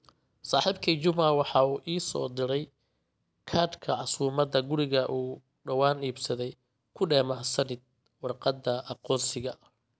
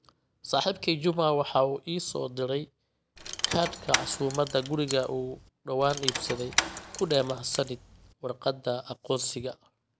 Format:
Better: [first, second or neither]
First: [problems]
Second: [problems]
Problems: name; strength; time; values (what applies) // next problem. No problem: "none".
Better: first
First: none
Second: background sound (Rattle / Keys jangling); 5 dB below the speech